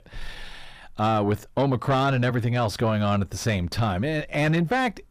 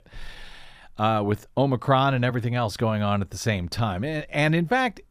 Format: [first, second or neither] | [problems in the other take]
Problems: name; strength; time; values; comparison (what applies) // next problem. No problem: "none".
second | distortion; slight; 10 dB below the speech